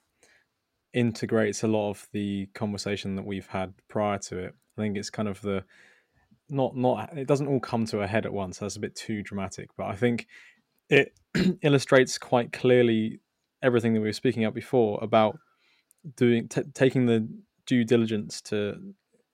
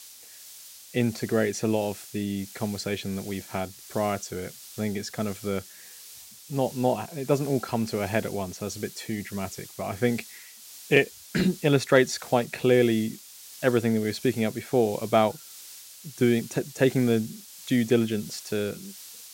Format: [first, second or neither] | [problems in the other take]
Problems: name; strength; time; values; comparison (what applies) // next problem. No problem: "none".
first | hiss; noticeable; throughout; 15 dB below the speech